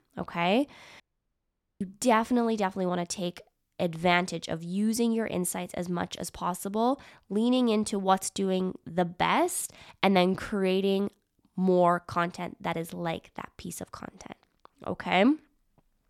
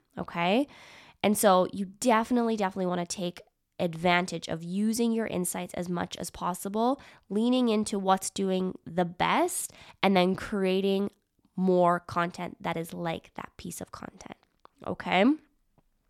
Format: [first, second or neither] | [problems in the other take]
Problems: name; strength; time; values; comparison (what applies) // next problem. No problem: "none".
second | audio cutting out; at 1 s for 1 s